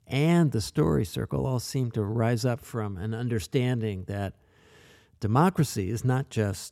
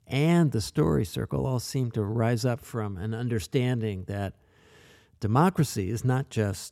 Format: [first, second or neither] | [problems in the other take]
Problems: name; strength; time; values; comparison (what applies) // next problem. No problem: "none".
neither | none